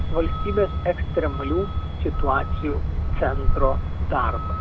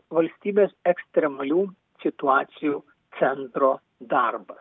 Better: second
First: background sound (Truck); 3 dB above the speech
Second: none

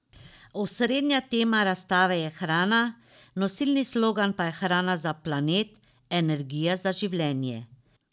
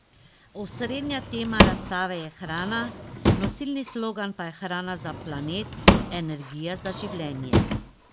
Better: first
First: none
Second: background sound (Drawer open or close / Wood); 5 dB above the speech

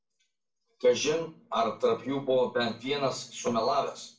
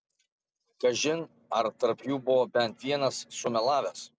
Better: second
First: room echo; dies away in 0.3 s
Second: none

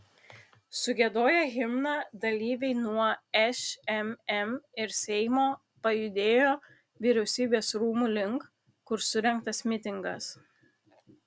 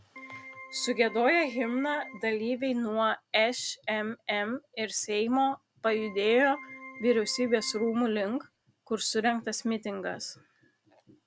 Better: first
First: none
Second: background sound (Keyboard (musical)); 17 dB below the speech

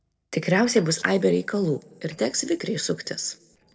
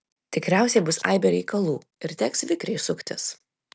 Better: second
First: noise reduction (neural separator model SepFormer DNS4)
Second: none

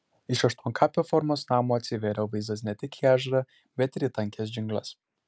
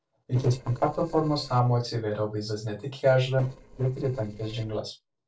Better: first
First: none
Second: noise reduction (neural separator model SepFormer DNS4)

